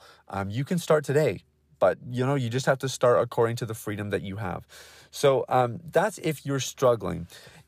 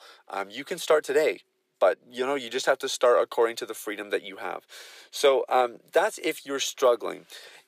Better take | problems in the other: first | thin; somewhat; fading below 350 Hz

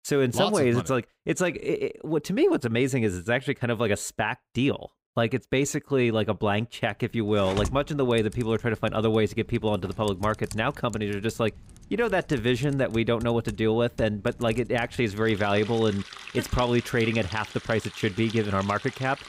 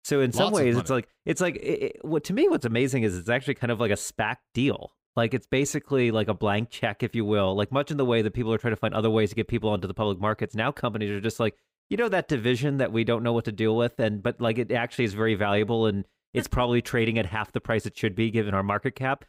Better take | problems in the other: second | household noises; noticeable; from 7 s on; 15 dB below the speech

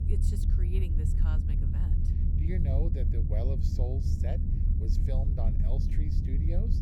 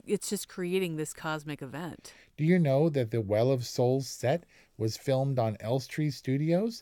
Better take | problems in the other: second | low rumble; loud; throughout; as loud as the speech

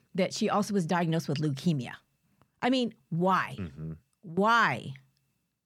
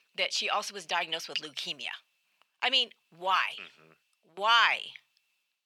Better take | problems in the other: first | thin; very; fading below 800 Hz

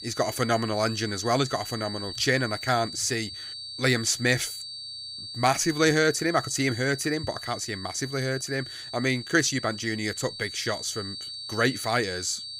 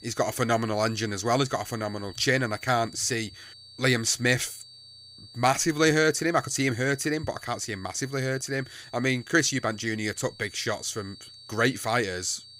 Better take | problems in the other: second | high-pitched whine; loud; throughout; 4.5 kHz, 9 dB below the speech; faint in the second

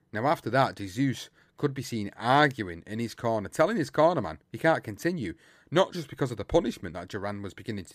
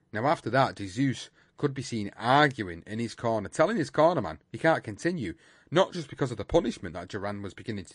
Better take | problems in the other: first | garbled, watery; slightly; nothing above 10 kHz

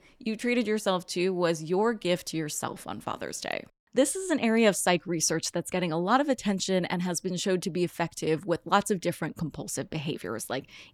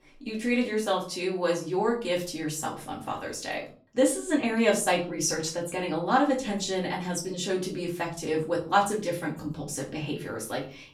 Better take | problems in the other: first | off-mic speech; far // room echo; slight; dies away in 0.3 s

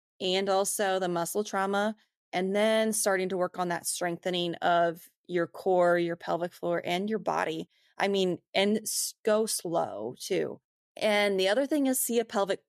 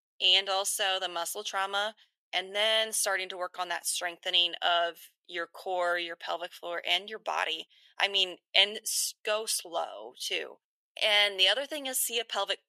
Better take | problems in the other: first | thin; very; fading below 750 Hz

